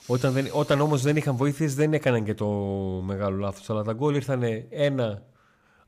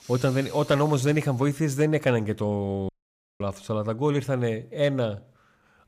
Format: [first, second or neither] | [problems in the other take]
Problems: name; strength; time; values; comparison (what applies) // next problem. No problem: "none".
first | audio cutting out; at 3 s for 0.5 s